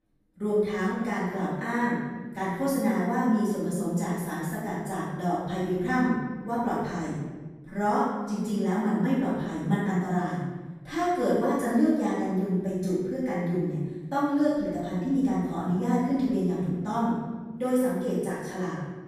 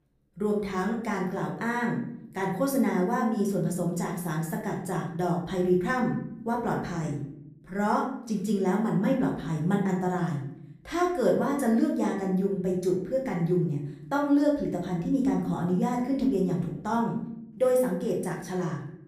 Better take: second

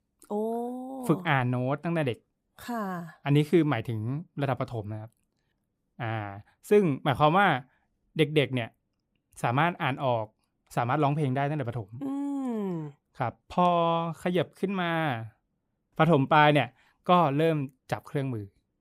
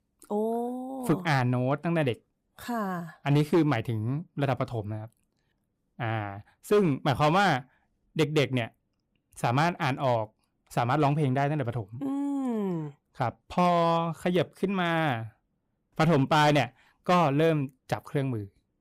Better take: first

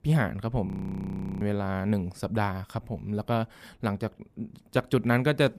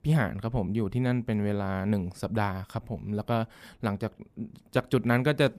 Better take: second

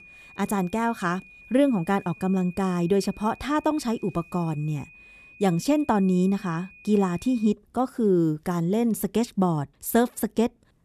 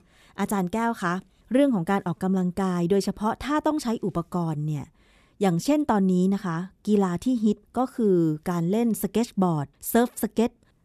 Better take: second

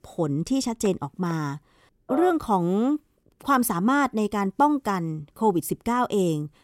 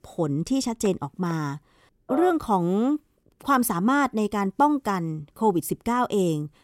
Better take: neither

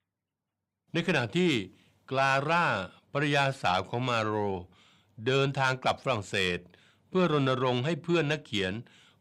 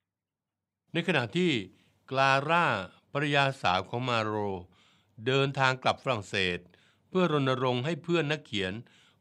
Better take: second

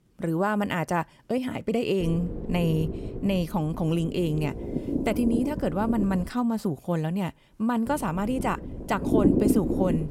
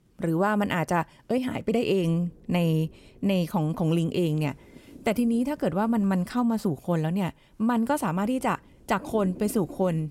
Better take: second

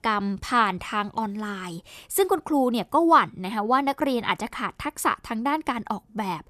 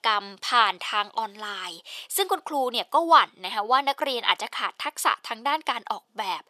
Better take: first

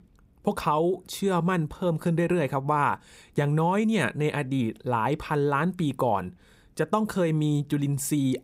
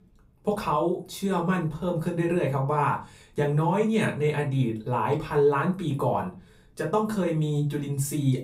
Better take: first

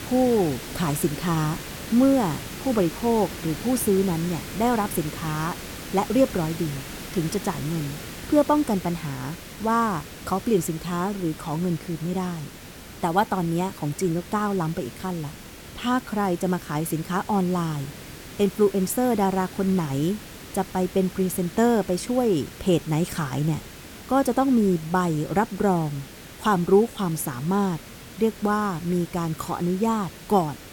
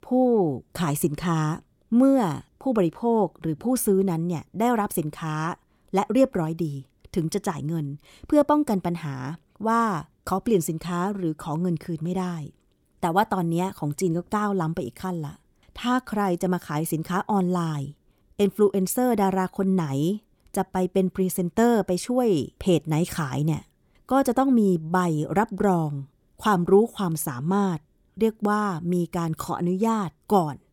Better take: second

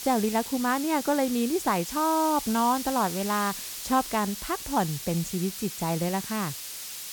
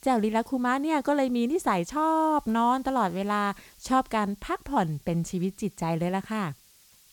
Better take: second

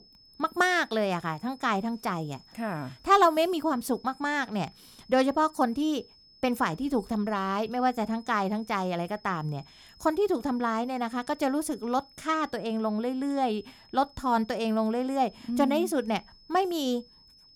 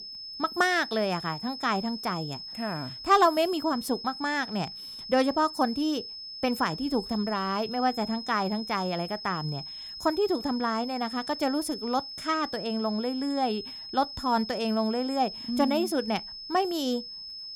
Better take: first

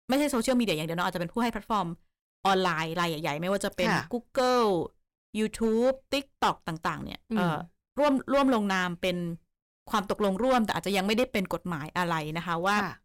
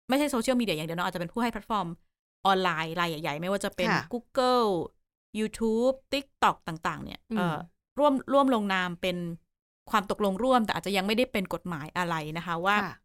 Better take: second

